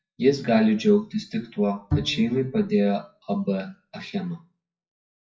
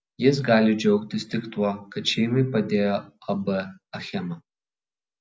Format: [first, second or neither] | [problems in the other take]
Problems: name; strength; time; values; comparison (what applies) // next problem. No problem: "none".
second | noise reduction (classical method WPE with log-MMSE)